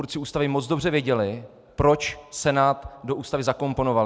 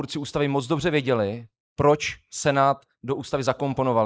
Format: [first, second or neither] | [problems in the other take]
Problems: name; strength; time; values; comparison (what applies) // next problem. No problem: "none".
first | noise reduction (neural mask model Resemble Enhance denoiser)